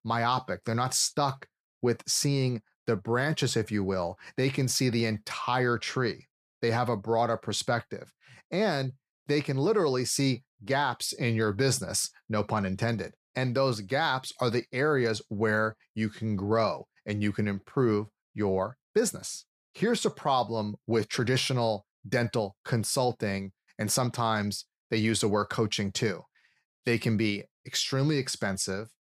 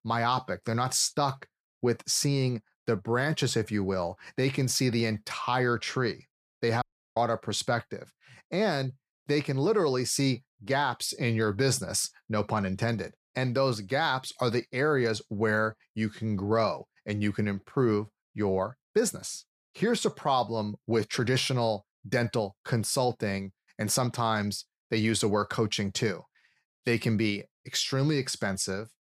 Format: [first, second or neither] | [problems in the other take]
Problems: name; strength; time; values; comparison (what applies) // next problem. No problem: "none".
first | audio cutting out; at 7 s